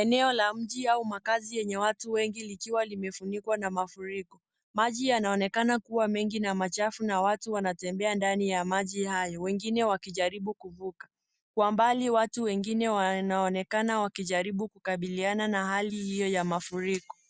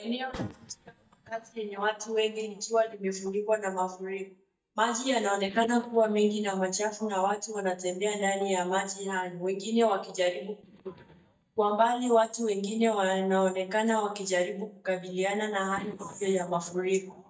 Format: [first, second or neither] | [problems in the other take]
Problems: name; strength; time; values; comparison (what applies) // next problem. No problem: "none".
first | noise reduction (neural mask model DeepFilterNet 3)